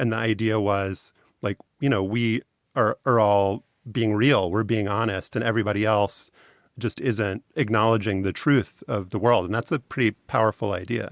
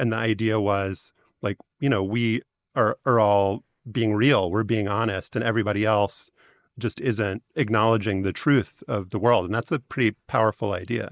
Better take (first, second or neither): first